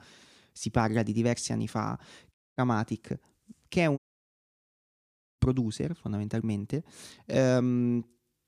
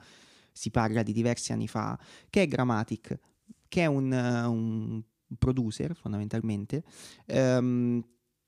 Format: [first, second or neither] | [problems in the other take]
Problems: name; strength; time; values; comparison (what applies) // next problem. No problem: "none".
second | audio cutting out; at 2.5 s and at 4 s for 1.5 s